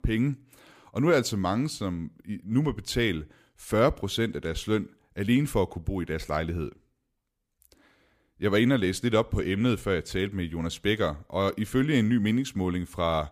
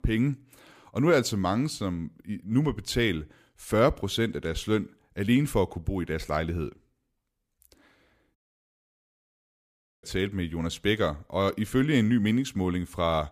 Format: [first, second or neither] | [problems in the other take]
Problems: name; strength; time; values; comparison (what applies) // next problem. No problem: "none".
first | audio cutting out; at 8.5 s for 1.5 s